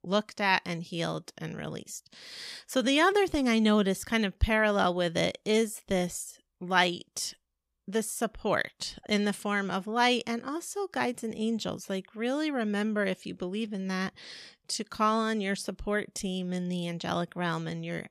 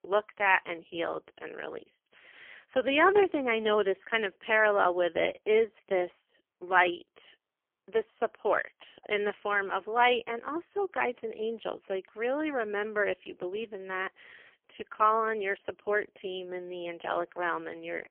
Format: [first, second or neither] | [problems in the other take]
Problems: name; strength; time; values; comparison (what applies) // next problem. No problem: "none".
first | phone-call audio; poor line; nothing above 3.5 kHz